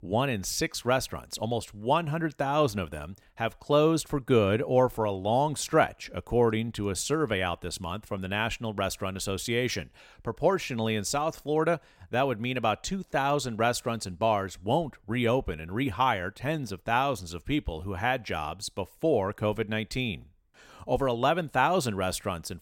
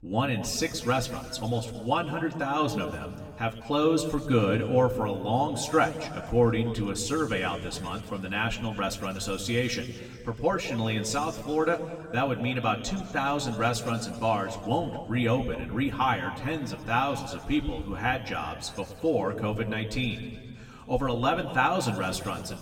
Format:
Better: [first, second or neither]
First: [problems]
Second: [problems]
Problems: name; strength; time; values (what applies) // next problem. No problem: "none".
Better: first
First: none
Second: room echo; slight; dies away in 1.9 s // off-mic speech; somewhat distant